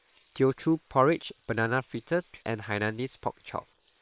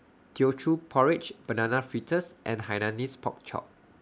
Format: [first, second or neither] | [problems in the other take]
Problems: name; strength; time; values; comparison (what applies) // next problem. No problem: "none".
second | noise reduction (neural separator model SepFormer WHAM!)